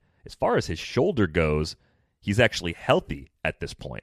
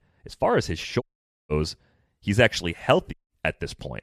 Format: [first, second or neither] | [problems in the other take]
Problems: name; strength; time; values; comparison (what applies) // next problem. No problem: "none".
first | audio cutting out; at 1 s and at 3 s